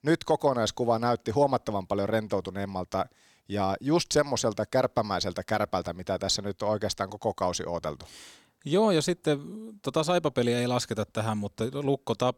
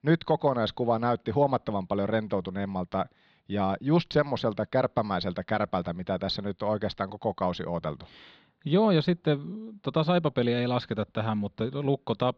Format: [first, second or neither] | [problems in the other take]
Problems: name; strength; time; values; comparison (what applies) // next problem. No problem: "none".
first | muffled; very slightly; fading above 4 kHz